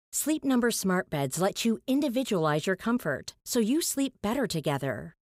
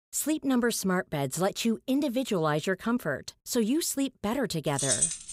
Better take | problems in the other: first | jangling keys; loud; at 5 s; peak 4 dB above the speech

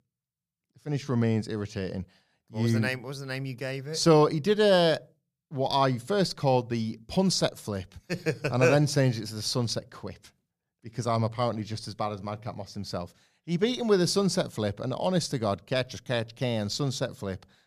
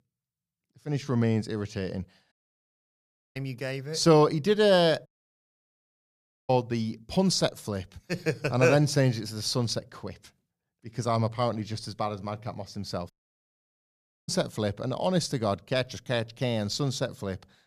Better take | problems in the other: first | audio cutting out; at 2.5 s for 1 s, at 5 s for 1.5 s and at 13 s for 1 s

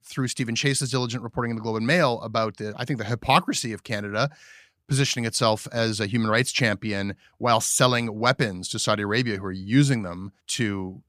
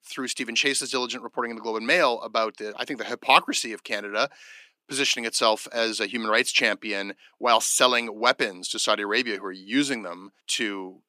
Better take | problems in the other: first | thin; somewhat; fading below 300 Hz

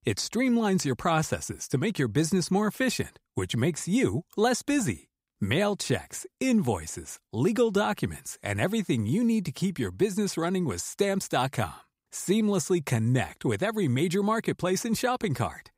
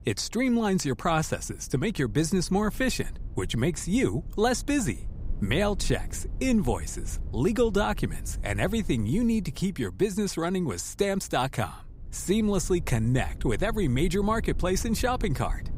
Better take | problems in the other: first | low rumble; faint; throughout; 25 dB below the speech

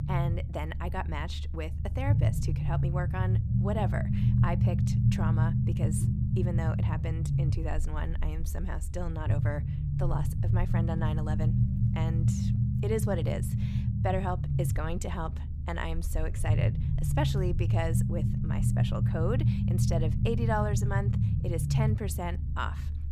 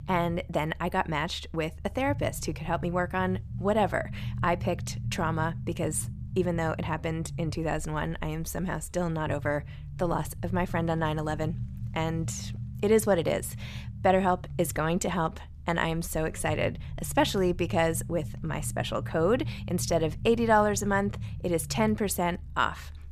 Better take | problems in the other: second | low rumble; loud; throughout; 3 dB below the speech; faint in the second

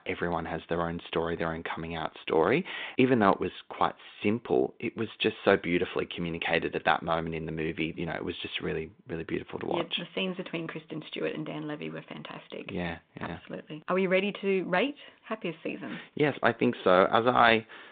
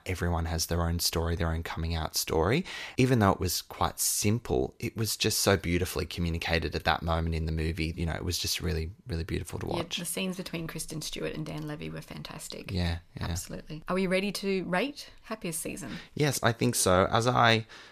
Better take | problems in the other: second | phone-call audio; nothing above 3.5 kHz

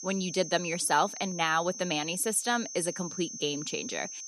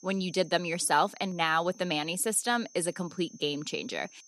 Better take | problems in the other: second | high-pitched whine; loud; throughout; 6 kHz, 9 dB below the speech; faint in the second

